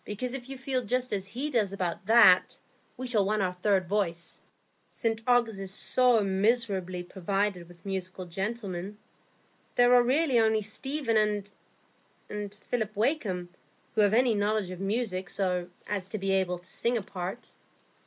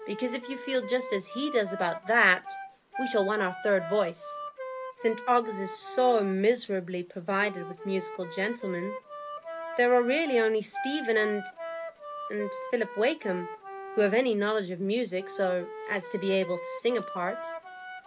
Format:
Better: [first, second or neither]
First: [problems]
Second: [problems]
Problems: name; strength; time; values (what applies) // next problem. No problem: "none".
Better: first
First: none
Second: background sound (Wind instrument, woodwind instrument); 11 dB below the speech